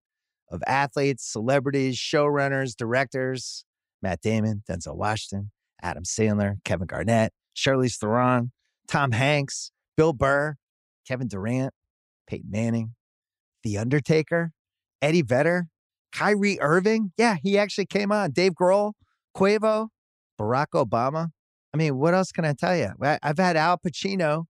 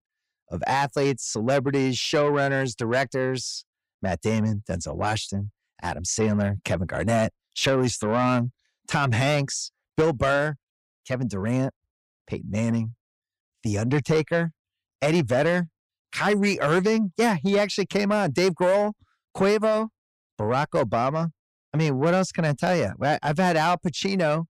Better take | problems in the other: first | distortion; slight; 10 dB below the speech

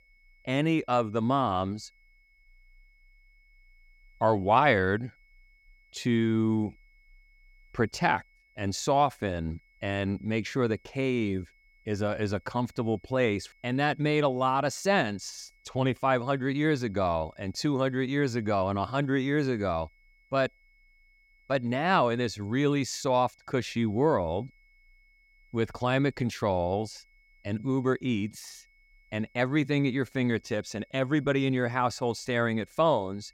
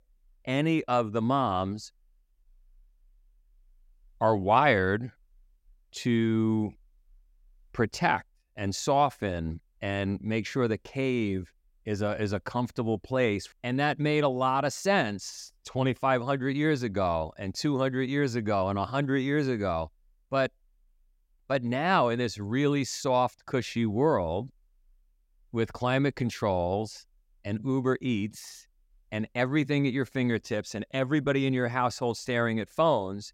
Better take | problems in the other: second | high-pitched whine; faint; throughout; 2 kHz, 35 dB below the speech

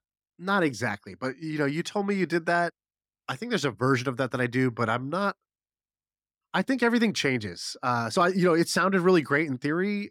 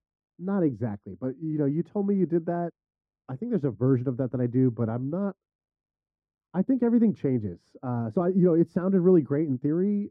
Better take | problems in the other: first | muffled; very; fading above 1 kHz

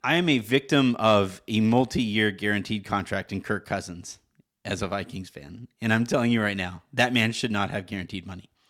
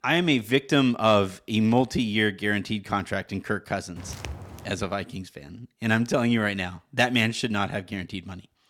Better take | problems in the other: first | footsteps; faint; at 4 s; peak 10 dB below the speech

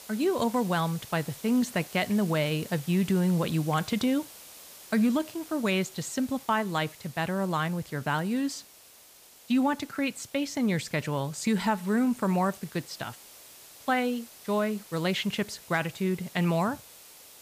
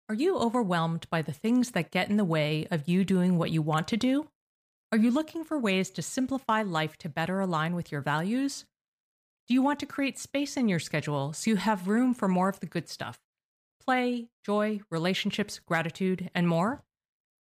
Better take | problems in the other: second | hiss; noticeable; throughout; 20 dB below the speech

